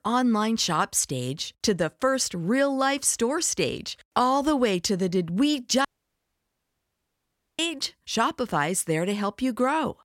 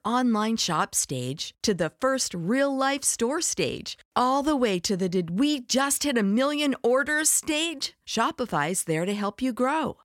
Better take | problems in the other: second | audio cutting out; at 6 s for 1.5 s

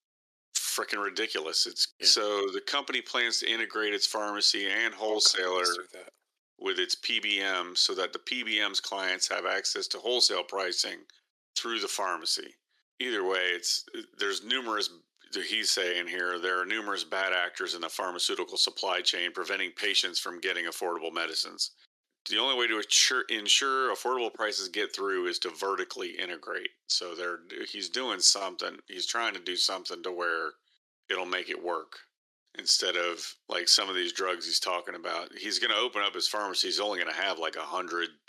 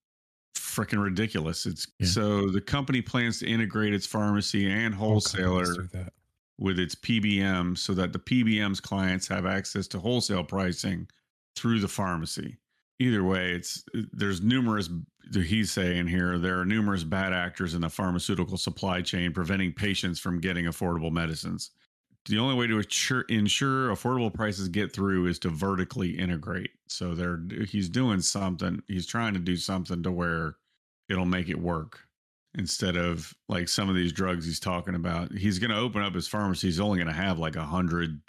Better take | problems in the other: second | thin; very; fading below 350 Hz

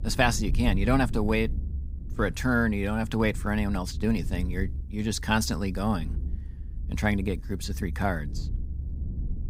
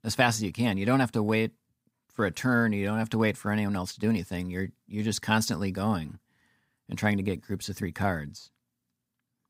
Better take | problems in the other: second | low rumble; faint; throughout; 20 dB below the speech

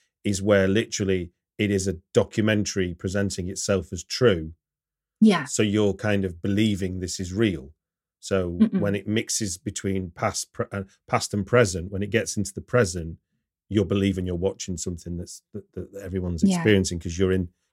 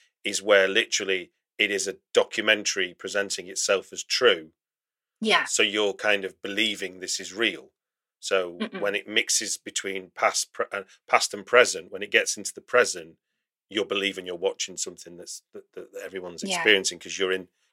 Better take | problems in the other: first | thin; very; fading below 600 Hz

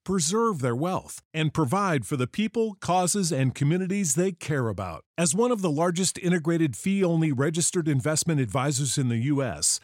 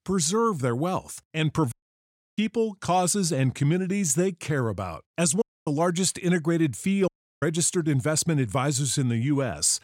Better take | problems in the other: first | audio cutting out; at 1.5 s for 0.5 s, at 5.5 s and at 7 s

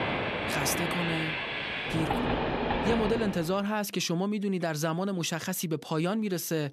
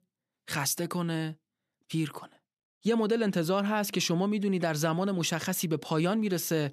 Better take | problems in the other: second | train or aircraft noise; very loud; until 3.5 s; as loud as the speech

